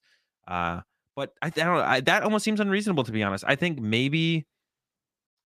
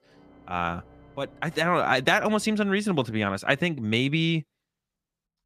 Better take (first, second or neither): first